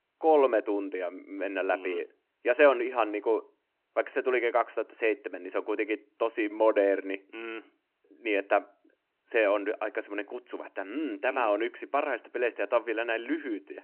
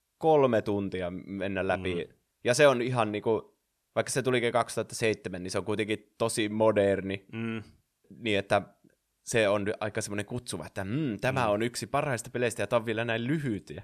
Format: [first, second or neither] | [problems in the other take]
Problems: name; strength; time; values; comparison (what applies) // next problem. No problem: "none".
second | phone-call audio